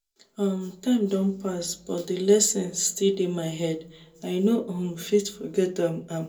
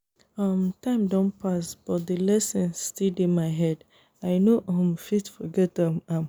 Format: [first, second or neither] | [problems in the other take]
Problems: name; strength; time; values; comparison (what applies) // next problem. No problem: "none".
second | room echo; dies away in 0.2 s